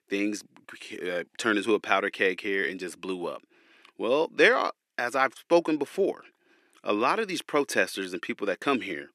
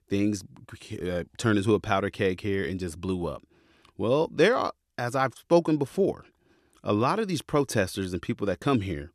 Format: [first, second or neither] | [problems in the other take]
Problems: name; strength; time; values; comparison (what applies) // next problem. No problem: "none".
second | thin; somewhat; fading below 250 Hz